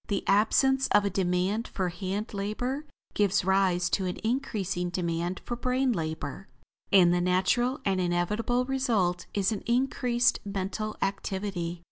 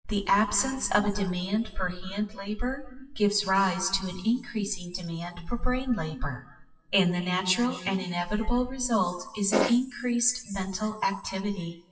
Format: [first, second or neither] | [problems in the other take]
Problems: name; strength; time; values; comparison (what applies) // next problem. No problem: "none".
first | noise reduction (classical method WPE with log-MMSE)